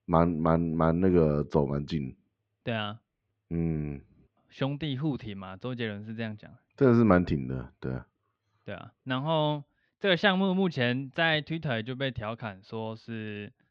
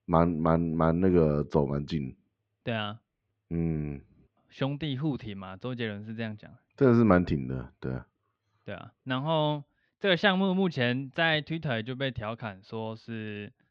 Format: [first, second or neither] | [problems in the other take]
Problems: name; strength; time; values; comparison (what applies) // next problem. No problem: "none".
neither | muffled; slightly; fading above 3.5 kHz; the same in both